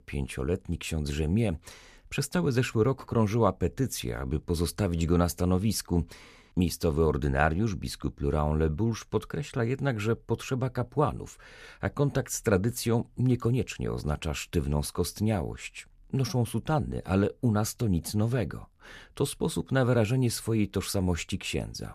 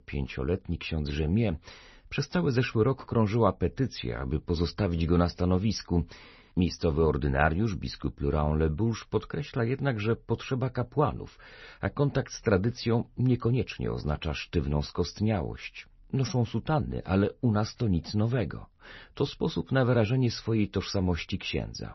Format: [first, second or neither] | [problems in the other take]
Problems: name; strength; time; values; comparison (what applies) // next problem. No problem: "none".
first | garbled, watery; slightly; nothing above 6 kHz